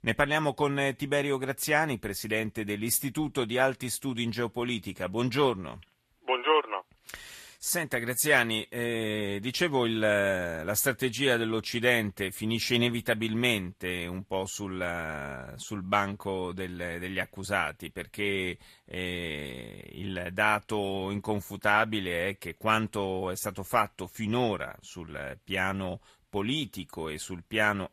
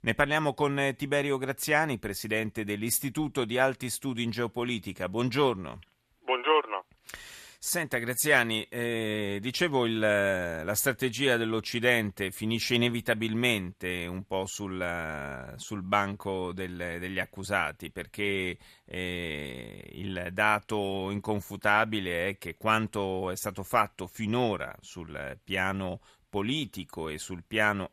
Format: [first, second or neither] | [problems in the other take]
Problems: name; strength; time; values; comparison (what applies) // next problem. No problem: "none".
second | garbled, watery; slightly; nothing above 14 kHz